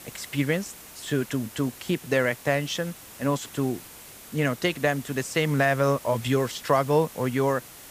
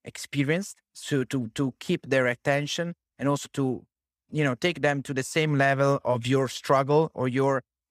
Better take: second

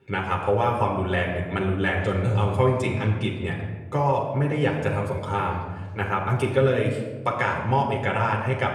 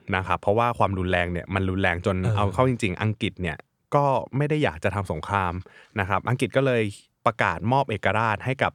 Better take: second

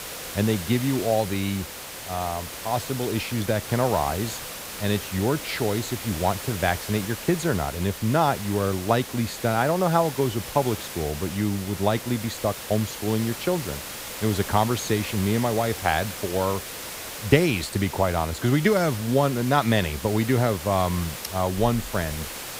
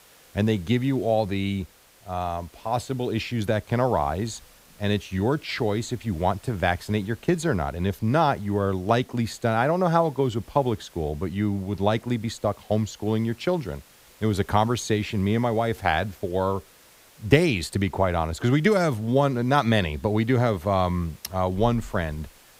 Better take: second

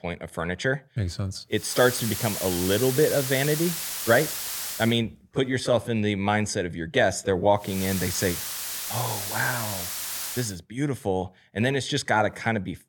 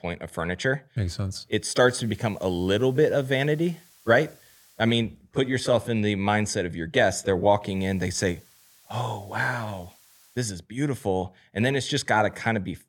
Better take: second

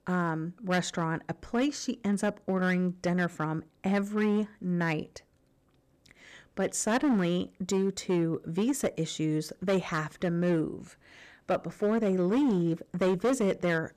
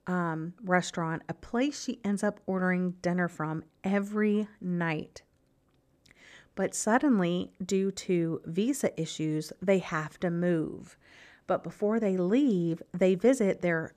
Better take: second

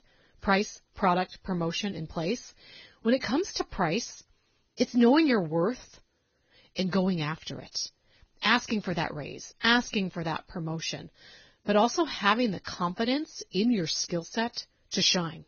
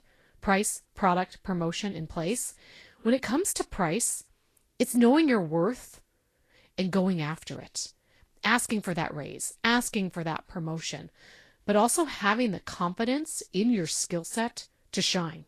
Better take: second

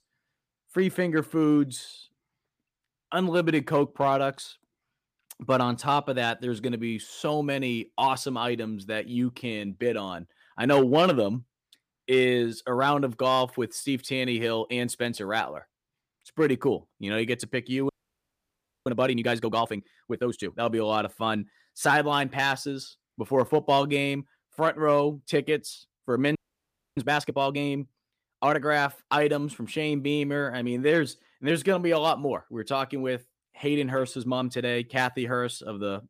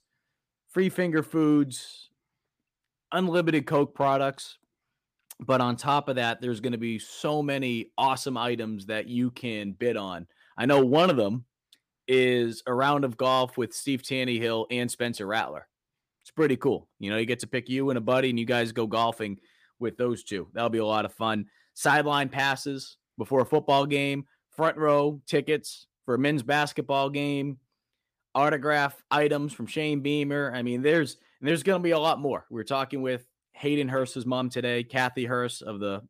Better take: second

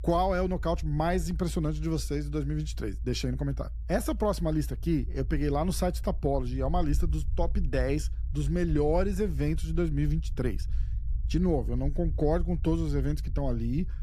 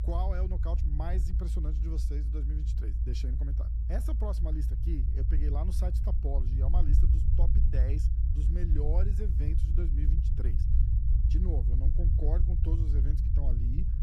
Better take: first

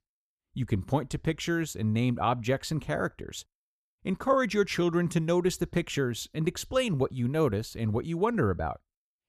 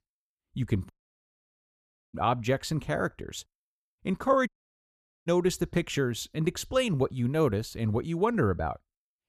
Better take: first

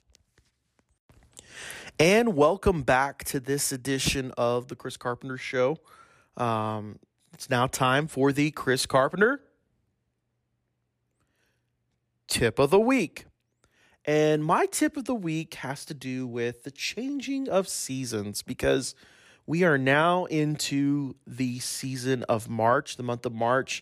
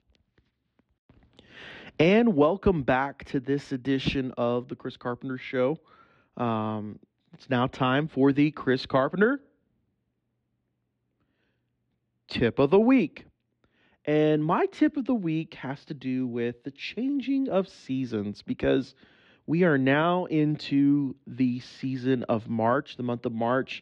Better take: first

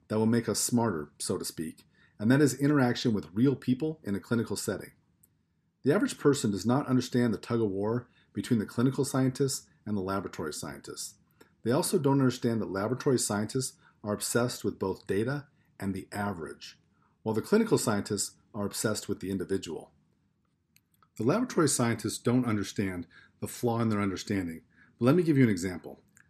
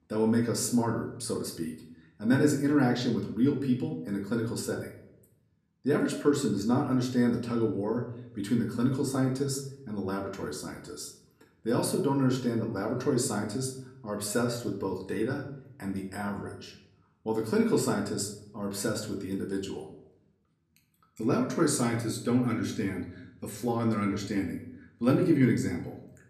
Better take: first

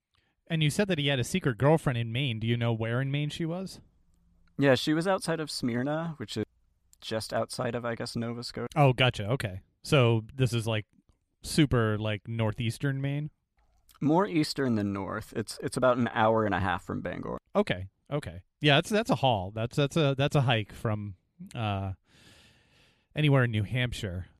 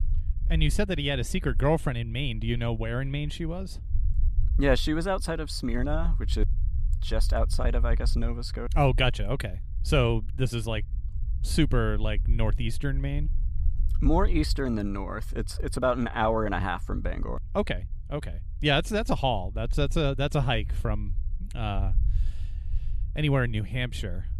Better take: first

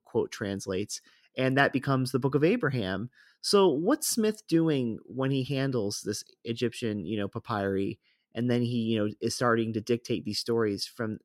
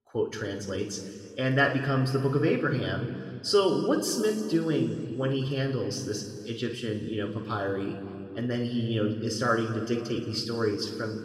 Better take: first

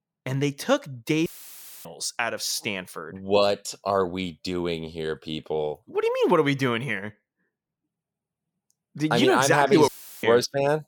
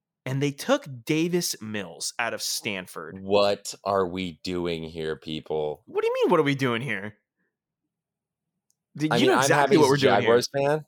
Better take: second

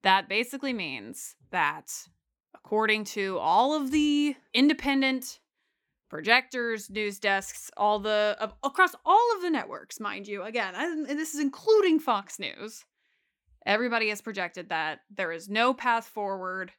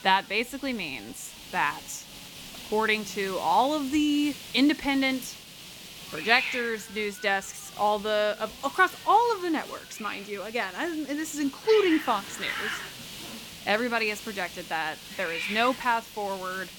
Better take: first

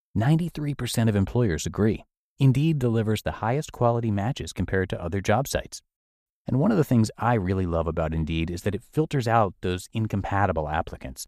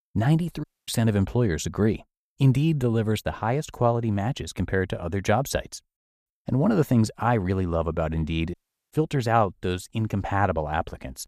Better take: first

